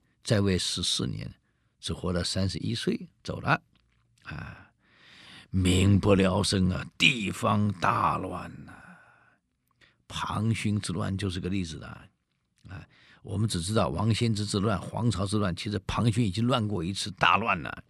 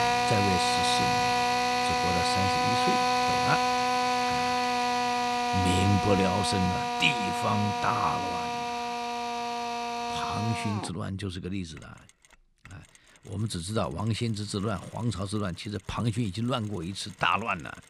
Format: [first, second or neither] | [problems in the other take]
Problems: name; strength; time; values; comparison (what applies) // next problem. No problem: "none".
first | machinery noise; very loud; throughout; 3 dB above the speech